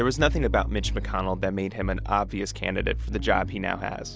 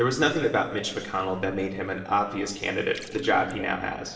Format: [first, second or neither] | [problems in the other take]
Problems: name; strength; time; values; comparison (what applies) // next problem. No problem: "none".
first | noise reduction (neural separator model SepFormer DNS4)